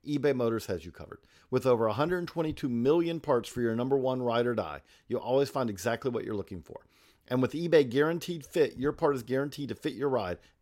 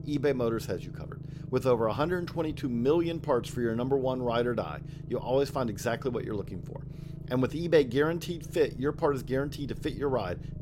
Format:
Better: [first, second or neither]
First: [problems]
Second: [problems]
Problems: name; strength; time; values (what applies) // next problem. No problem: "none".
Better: first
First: none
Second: low rumble; faint; throughout; 20 dB below the speech